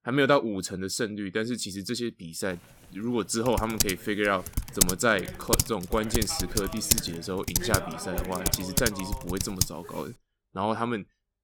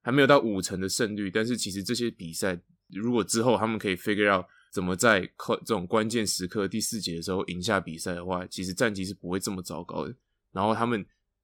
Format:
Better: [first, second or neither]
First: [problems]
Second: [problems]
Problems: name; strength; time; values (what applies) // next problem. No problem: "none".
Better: second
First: keyboard typing; loud; from 3.5 to 9.5 s; peak 6 dB above the speech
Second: none